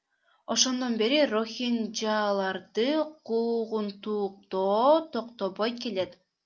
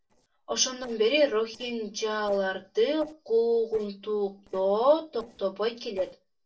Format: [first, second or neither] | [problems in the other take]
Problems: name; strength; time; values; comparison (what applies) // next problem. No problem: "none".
first | noise reduction (neural separator model SepFormer DNS4)